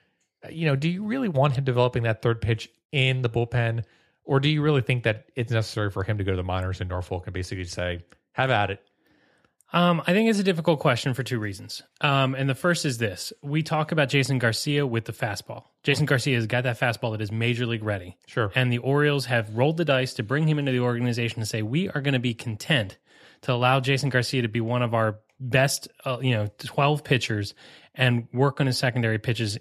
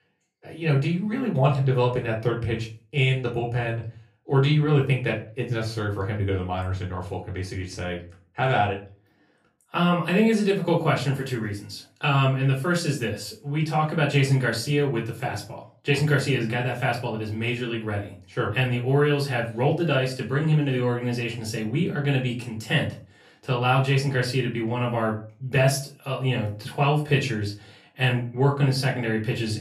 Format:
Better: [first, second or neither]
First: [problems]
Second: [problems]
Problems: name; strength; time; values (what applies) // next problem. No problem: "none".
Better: first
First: none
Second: off-mic speech; far // room echo; slight; dies away in 0.3 s